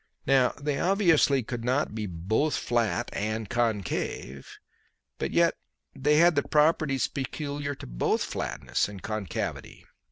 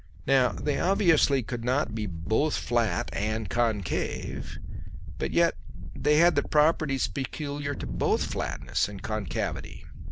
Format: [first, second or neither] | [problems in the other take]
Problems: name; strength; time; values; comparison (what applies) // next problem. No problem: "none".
first | background sound (Wind); 5 dB below the speech